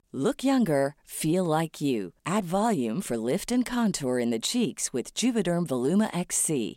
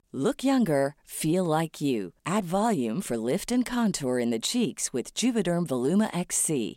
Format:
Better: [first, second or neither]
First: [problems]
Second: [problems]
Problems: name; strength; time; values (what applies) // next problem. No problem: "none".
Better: neither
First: none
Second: none